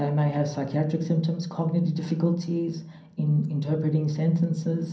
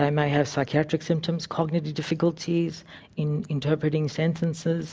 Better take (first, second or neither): second